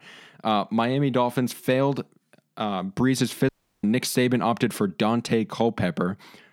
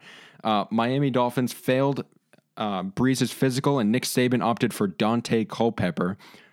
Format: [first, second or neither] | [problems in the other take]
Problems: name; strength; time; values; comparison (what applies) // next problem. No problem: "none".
second | audio cutting out; at 3.5 s